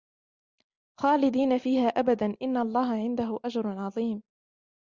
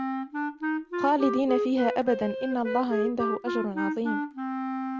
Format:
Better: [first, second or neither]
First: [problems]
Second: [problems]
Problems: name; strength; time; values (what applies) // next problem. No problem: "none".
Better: first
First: none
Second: background sound (Wind instrument, woodwind instrument); 2 dB below the speech